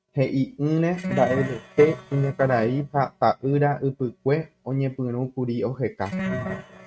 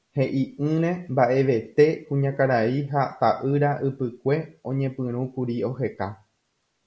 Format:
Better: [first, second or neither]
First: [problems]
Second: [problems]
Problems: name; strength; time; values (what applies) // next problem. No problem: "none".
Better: second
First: noise reduction (neural mask model RNNoise)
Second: none